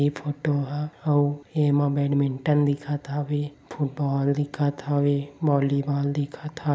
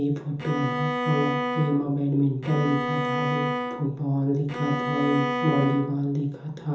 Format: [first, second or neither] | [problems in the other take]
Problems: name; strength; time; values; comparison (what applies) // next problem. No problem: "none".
first | background sound (Bowed string instrument); 3 dB below the speech // room echo; dies away in 0.6 s